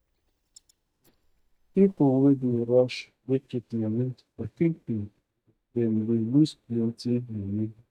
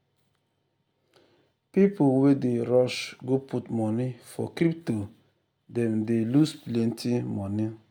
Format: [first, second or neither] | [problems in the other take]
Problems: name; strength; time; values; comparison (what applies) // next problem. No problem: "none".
second | noise reduction (neural mask model DeepFilterNet 3)